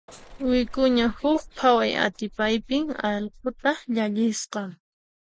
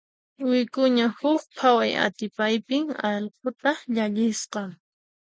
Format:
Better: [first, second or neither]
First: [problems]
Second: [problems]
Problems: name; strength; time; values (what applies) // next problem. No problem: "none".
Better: second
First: background sound (Bus / Engine); 18 dB below the speech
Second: none